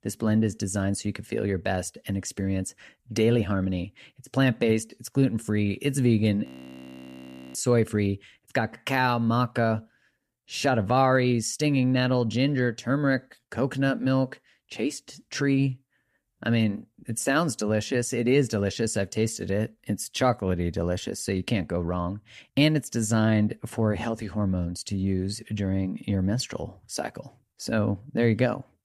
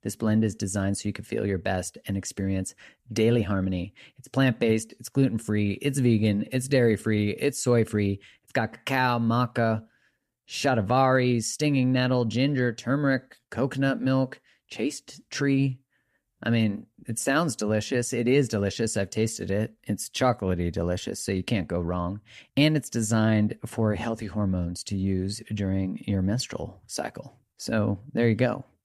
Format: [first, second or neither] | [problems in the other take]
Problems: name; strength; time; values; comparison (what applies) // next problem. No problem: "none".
second | audio freezing; at 6.5 s for 1 s